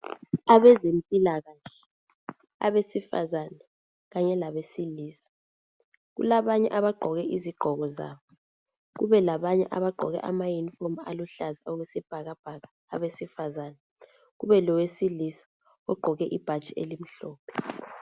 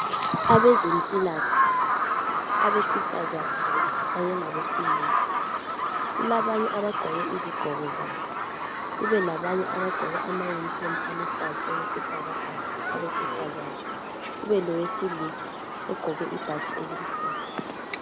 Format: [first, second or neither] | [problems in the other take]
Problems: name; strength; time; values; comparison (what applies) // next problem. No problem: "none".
first | background sound (Bird vocalization, bird call, bird song); 2 dB above the speech